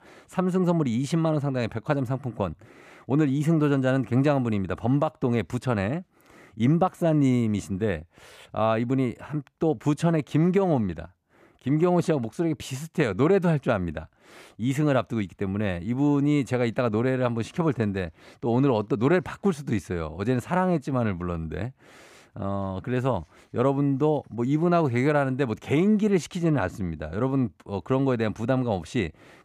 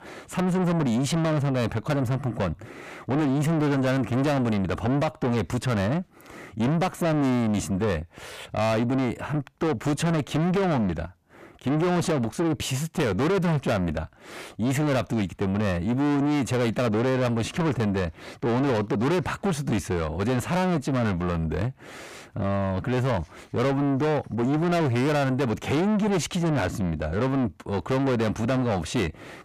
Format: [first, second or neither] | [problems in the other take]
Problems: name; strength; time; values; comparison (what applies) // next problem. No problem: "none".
first | distortion; heavy; 6 dB below the speech